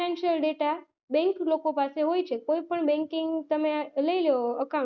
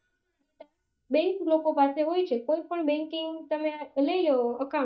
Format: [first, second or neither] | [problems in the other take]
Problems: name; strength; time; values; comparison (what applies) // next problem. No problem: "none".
first | noise reduction (neural mask model DeepFilterNet 3)